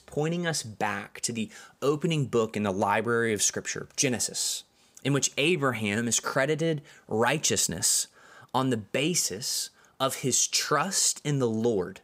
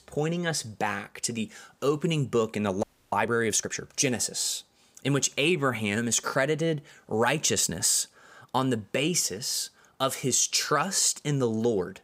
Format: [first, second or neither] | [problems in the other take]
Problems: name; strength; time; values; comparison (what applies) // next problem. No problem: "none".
first | audio freezing; at 3 s